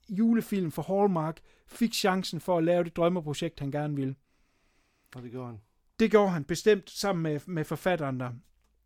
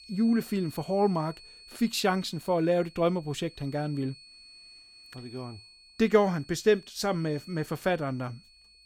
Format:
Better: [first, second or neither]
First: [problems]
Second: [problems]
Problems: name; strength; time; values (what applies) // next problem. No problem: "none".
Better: first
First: none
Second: high-pitched whine; faint; throughout; 4.5 kHz, 20 dB below the speech